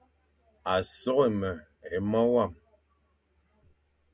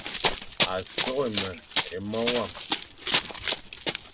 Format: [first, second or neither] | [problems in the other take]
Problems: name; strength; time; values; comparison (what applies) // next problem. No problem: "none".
first | background sound (Run); 3 dB above the speech